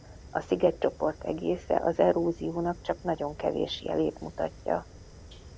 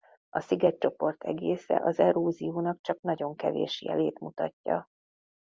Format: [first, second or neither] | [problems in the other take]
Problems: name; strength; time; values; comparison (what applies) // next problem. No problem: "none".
second | background sound (Fire); 18 dB below the speech